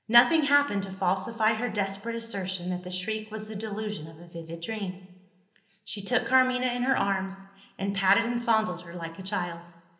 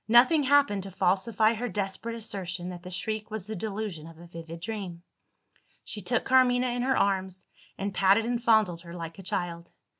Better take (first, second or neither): second